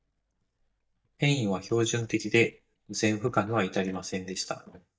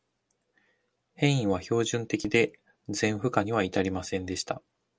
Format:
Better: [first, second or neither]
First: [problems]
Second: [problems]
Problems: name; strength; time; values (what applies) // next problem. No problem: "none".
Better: second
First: noise reduction (neural mask model DeepFilterNet 3)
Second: none